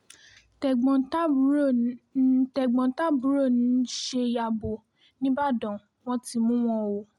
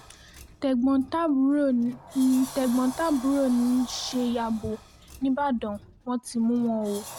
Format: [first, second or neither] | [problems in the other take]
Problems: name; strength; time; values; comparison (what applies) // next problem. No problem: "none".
first | background sound (Sliding door); 18 dB below the speech